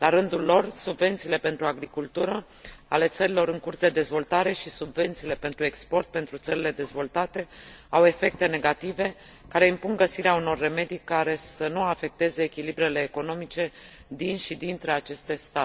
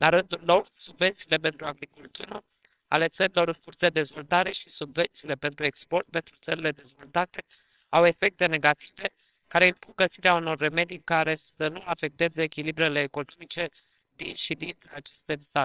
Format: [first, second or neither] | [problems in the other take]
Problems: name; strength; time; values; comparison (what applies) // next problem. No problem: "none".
first | noise reduction (neural separator model SepFormer WHAMR!)